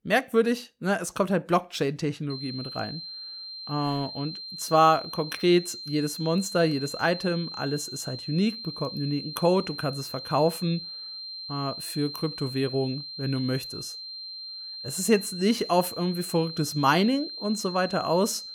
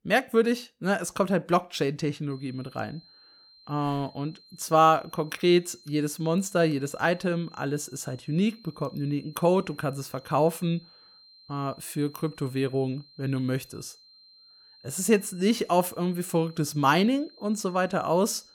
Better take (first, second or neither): second